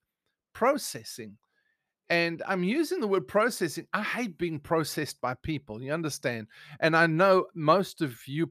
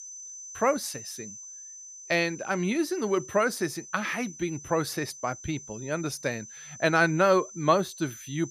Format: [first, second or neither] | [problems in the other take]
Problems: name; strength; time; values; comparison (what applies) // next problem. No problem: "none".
first | high-pitched whine; noticeable; throughout; 6 kHz, 15 dB below the speech